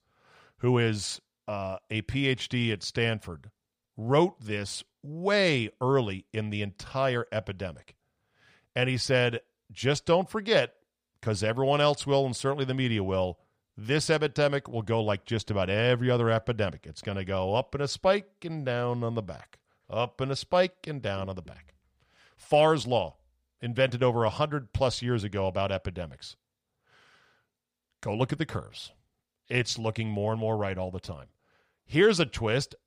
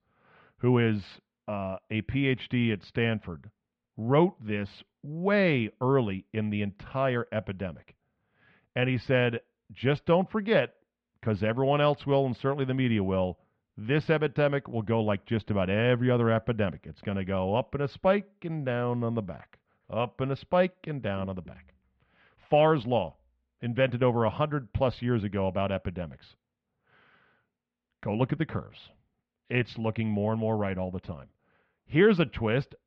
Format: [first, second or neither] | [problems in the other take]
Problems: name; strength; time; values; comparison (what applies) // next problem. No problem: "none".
first | muffled; very; fading above 3 kHz